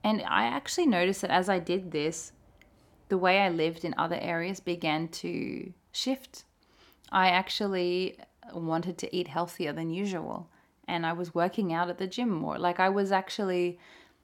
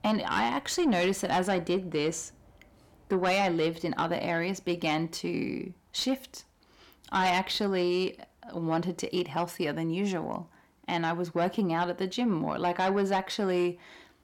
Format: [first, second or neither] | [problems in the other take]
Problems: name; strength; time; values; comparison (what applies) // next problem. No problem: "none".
first | distortion; slight; 10 dB below the speech